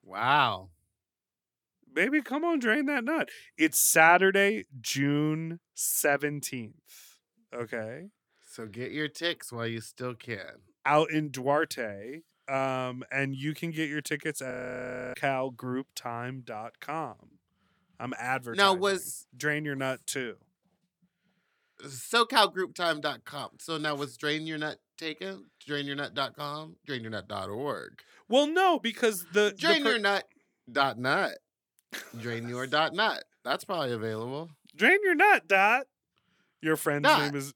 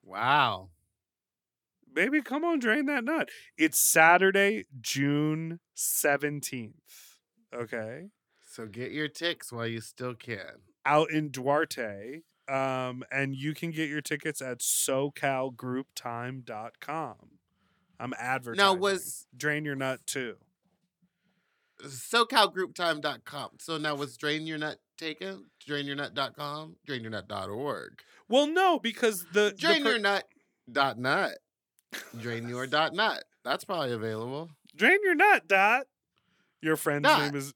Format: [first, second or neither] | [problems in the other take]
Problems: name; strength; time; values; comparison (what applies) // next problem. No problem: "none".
second | audio freezing; at 15 s for 0.5 s